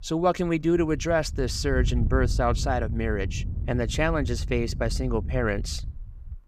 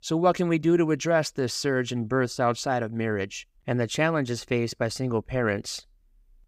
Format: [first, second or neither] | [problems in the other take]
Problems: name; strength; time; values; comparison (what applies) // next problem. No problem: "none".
second | wind noise on the microphone; occasional gusts; 20 dB below the speech